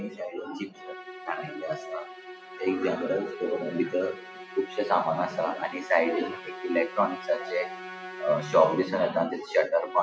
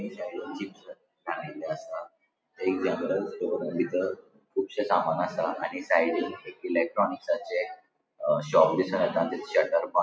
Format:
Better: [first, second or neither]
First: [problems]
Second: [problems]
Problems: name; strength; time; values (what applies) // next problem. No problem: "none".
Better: second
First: background sound (Musical instrument); 14 dB below the speech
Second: none